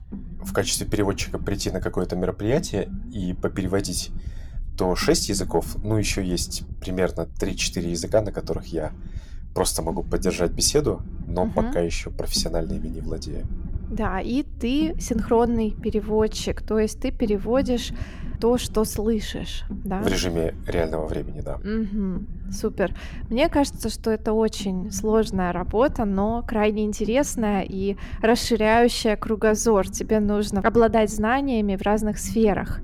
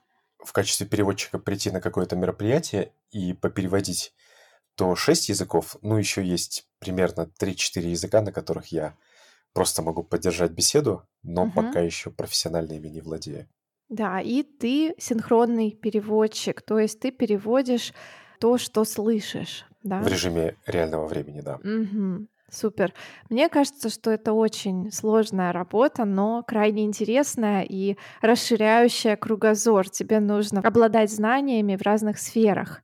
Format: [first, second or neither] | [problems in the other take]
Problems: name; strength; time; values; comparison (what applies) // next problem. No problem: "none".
second | low rumble; faint; throughout; 20 dB below the speech